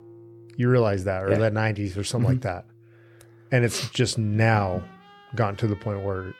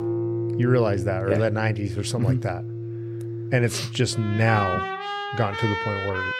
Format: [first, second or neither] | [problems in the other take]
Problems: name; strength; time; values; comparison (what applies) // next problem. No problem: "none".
first | background music; loud; throughout; 5 dB below the speech; faint in the first